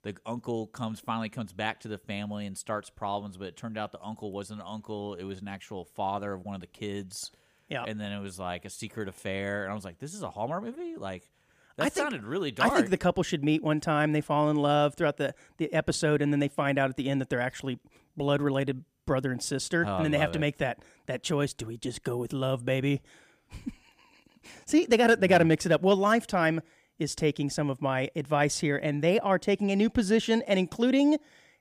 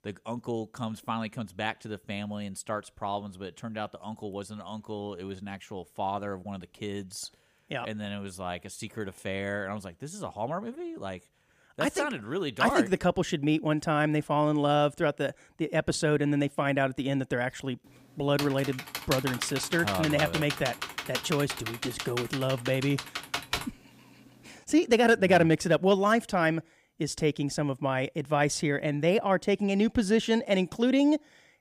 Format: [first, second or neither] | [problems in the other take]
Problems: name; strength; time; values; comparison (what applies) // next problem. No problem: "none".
first | keyboard typing; noticeable; from 18 to 24 s; peak 3 dB below the speech